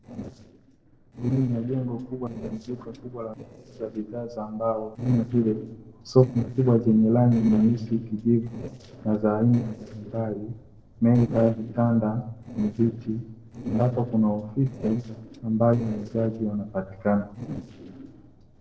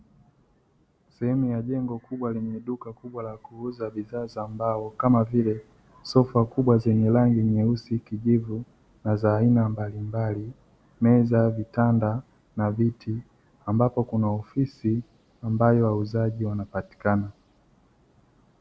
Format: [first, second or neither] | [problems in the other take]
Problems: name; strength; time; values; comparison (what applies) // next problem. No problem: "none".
second | noise reduction (neural separator model SepFormer DNS4)